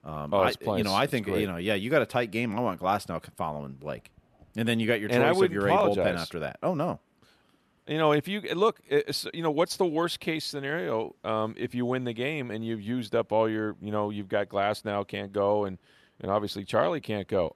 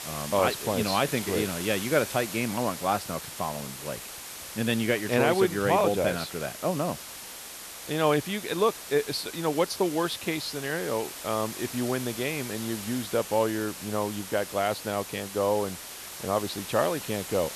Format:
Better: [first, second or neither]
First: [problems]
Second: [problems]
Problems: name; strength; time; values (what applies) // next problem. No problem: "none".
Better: first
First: none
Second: hiss; loud; throughout; 9 dB below the speech